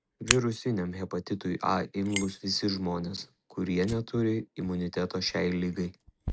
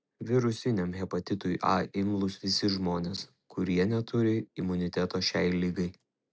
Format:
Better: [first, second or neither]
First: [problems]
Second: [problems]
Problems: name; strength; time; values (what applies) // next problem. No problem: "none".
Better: second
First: background sound (Fire); 6 dB below the speech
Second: none